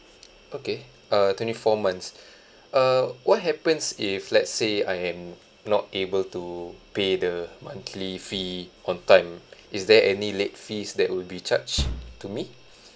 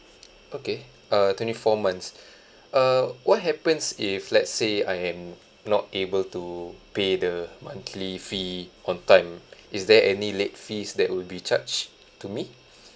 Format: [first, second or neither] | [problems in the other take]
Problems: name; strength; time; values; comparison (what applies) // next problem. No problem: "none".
second | background sound (Bass drum); 7 dB below the speech